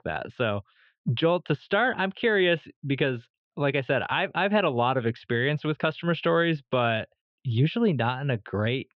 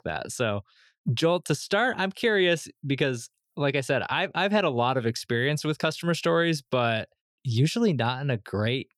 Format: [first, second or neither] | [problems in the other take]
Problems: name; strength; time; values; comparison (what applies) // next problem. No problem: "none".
second | muffled; very; fading above 3.5 kHz